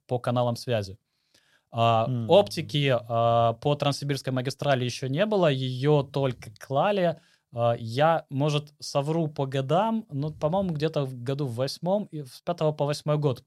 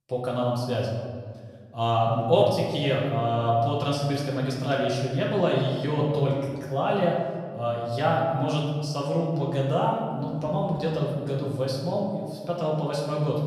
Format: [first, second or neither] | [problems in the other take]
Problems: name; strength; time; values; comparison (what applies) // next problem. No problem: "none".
first | room echo; noticeable; dies away in 1.6 s // off-mic speech; far